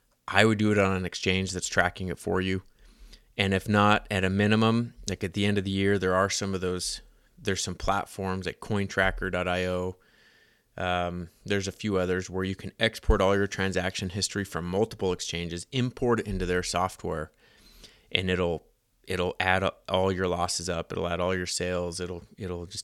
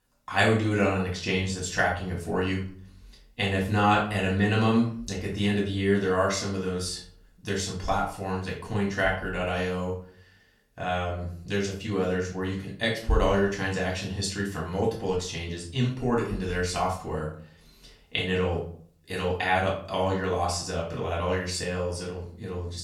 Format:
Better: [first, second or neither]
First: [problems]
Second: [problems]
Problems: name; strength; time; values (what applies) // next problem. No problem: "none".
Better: first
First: none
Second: off-mic speech; far // room echo; slight; dies away in 0.4 s